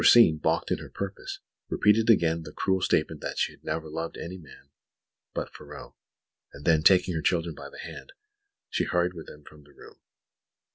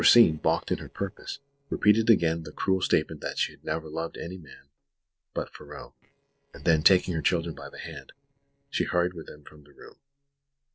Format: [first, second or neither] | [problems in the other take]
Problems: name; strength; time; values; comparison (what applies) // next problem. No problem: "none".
first | noise reduction (neural separator model SepFormer DNS4)